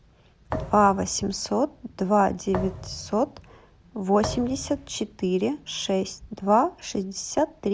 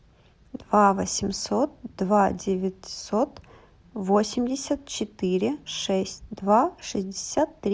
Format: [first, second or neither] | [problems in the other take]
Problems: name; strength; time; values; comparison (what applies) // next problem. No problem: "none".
second | background sound (Thump, thud); 11 dB below the speech